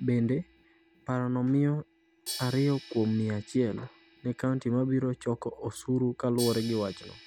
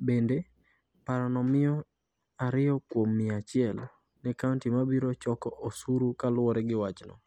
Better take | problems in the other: second | background sound (Crash cymbal); 17 dB below the speech

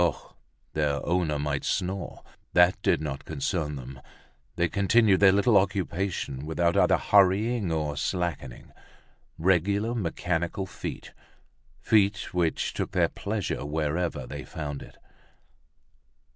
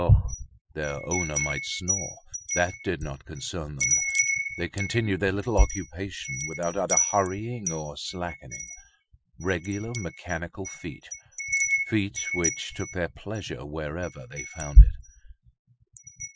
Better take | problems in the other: first | noise reduction (classical method Wiener filter)

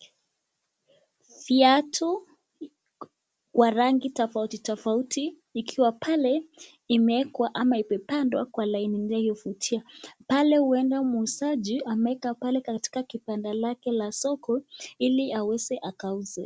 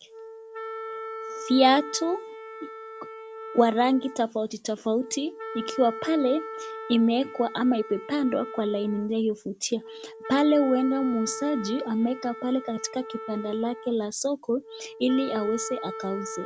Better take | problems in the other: first | background sound (Wind instrument, woodwind instrument); 12 dB below the speech

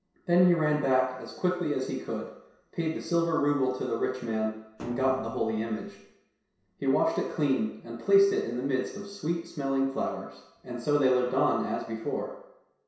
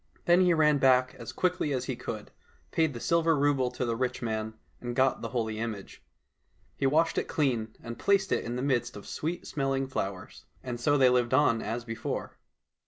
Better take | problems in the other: second | background sound (Thump, thud); 14 dB below the speech // room echo; dies away in 0.7 s

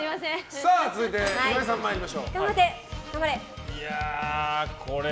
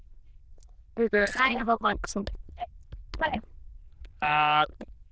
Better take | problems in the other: first | noise reduction (neural diffusion model UNIVERSE++)

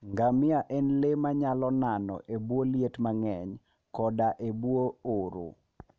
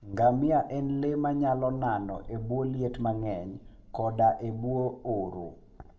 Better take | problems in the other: first | background sound (Gull, seagull); 20 dB below the speech // room echo; dies away in 0.5 s

